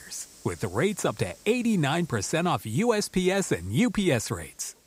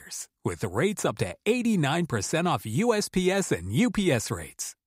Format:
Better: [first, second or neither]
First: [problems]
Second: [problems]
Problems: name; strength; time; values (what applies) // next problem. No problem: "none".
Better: second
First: hiss; faint; throughout; 25 dB below the speech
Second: none